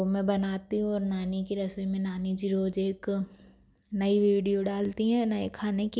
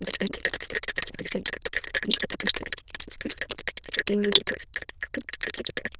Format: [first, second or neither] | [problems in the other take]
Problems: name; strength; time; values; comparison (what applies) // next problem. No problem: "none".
first | noise reduction (neural diffusion model UNIVERSE++)